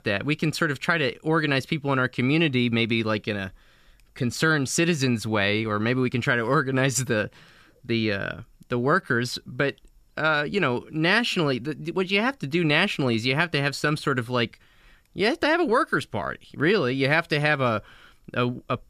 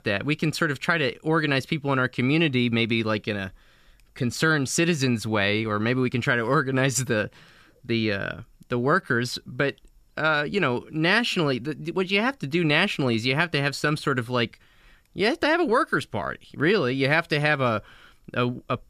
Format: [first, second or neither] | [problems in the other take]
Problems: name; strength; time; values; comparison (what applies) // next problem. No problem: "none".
neither | none